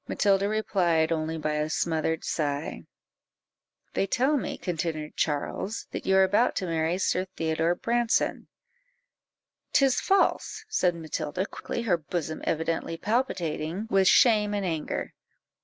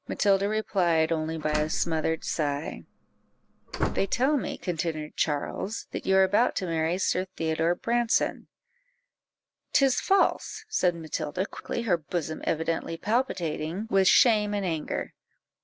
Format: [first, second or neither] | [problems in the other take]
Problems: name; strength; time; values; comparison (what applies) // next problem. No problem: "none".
first | background sound (Slam); 5 dB below the speech